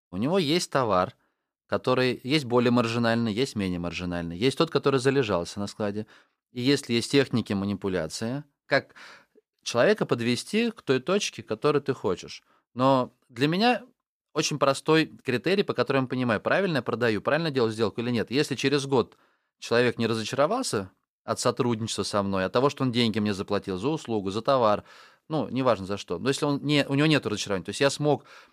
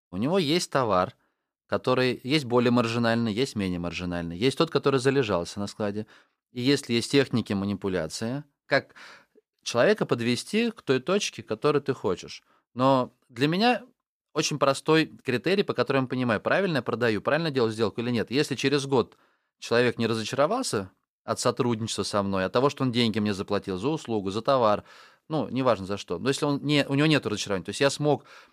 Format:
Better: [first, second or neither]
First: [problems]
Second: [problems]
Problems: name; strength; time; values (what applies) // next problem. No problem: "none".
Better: neither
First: none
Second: none